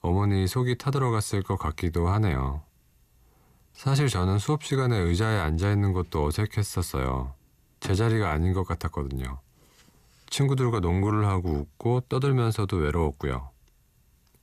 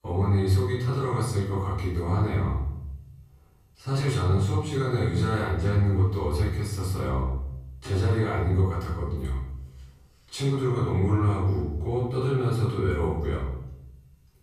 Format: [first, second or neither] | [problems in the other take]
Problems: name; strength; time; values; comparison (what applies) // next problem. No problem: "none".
first | off-mic speech; far // room echo; noticeable; dies away in 0.8 s